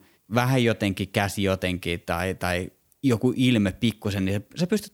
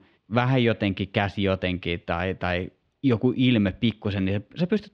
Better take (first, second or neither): first